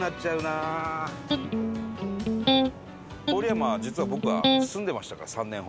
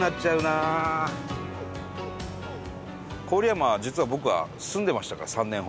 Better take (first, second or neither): second